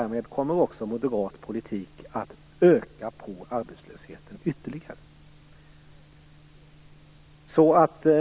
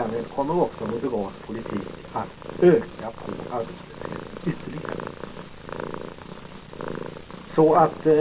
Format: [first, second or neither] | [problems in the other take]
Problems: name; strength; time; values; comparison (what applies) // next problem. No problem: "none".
first | background sound (Purr); 11 dB below the speech // room echo; dies away in 0.2 s